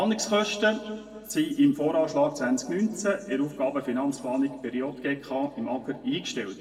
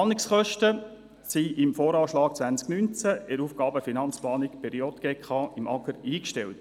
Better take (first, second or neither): second